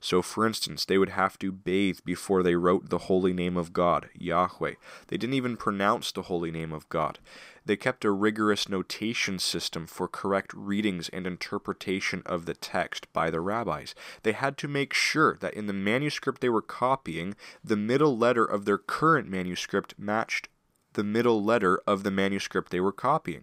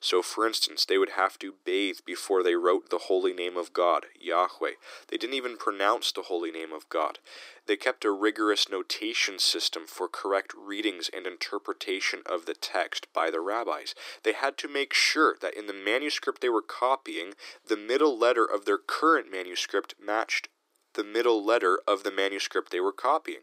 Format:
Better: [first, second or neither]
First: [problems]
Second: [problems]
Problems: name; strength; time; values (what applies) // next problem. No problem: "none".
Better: first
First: none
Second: thin; somewhat; fading below 300 Hz